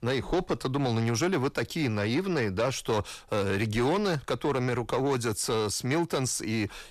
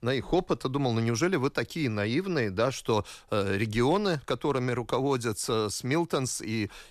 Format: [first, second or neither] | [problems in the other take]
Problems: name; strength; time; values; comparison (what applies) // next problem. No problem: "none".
second | distortion; slight; 10 dB below the speech